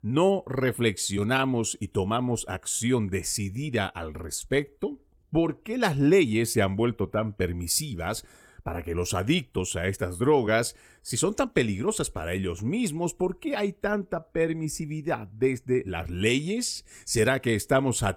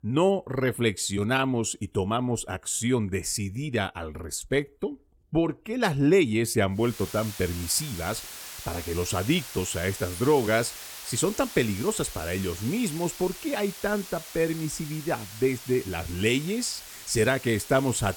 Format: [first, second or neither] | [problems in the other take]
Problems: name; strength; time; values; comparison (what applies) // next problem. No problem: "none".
first | hiss; noticeable; from 7 s on; 10 dB below the speech